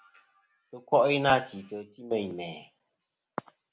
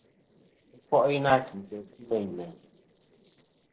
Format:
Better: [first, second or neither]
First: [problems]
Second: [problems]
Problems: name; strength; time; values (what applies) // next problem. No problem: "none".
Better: first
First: none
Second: noise reduction (neural separator model SepFormer DNS4)